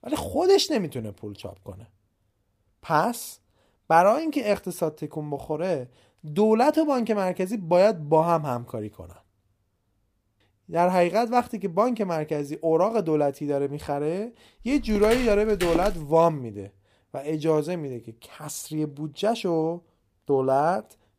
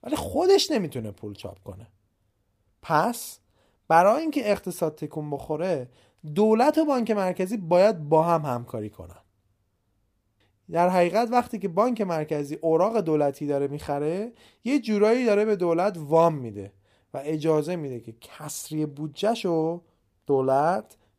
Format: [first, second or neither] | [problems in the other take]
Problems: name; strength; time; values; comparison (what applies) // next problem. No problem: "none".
second | footsteps; noticeable; from 15 to 16 s; peak 7 dB below the speech